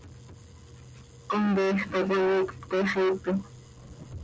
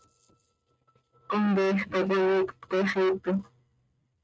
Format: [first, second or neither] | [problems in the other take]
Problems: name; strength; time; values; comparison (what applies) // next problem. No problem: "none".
first | noise reduction (neural mask model RNNoise)